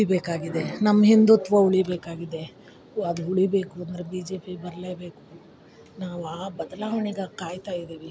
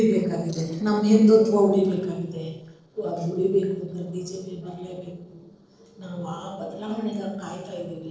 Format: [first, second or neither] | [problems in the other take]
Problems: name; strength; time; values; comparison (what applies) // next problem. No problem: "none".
first | noise reduction (neural separator model SepFormer DNS4)